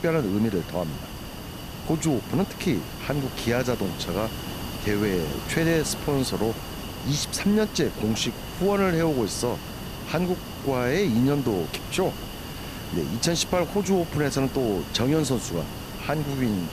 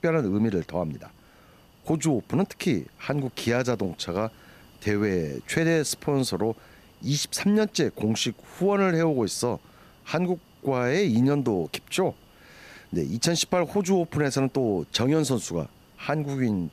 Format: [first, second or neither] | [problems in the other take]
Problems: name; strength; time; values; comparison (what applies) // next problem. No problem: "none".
second | hiss; loud; throughout; 9 dB below the speech; faint in the second